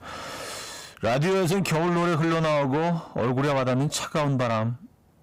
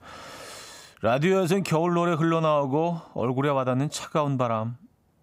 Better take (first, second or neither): second